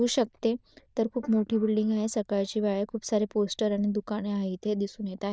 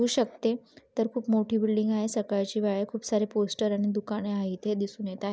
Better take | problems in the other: second | noise reduction (neural diffusion model UNIVERSE++)

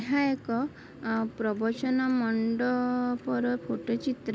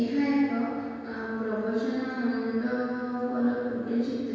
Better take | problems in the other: first | room echo; dies away in 1.9 s

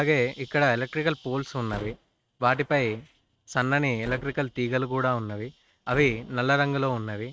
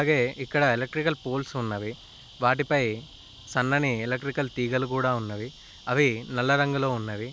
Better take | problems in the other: second | noise reduction (neural mask model RNNoise)

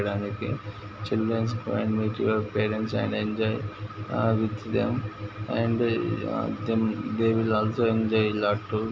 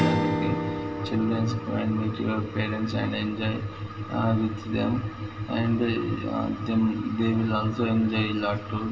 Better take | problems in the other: first | background sound (Strum); 8 dB below the speech // room echo; dies away in 2.4 s

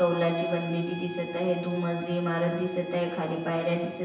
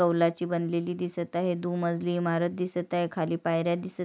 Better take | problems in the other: second | background sound (Bowed string instrument); 16 dB below the speech // room echo; dies away in 1 s

